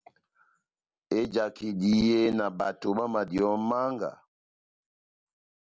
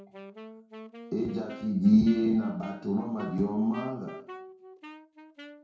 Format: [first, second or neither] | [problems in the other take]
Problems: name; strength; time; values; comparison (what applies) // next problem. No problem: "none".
first | background sound (Wind instrument, woodwind instrument); 17 dB below the speech // room echo; dies away in 0.6 s